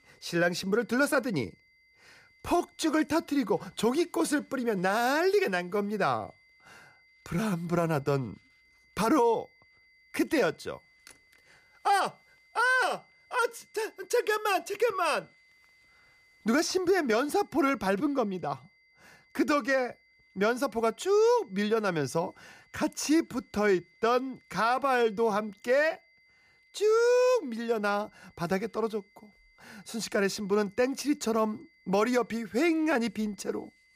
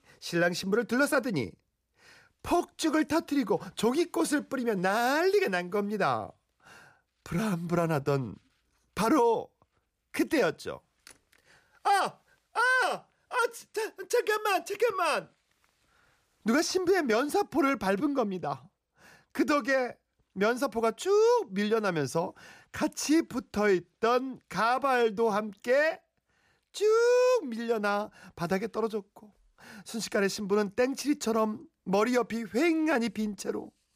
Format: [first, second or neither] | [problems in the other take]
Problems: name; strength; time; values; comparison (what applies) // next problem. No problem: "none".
second | high-pitched whine; faint; throughout; 2 kHz, 35 dB below the speech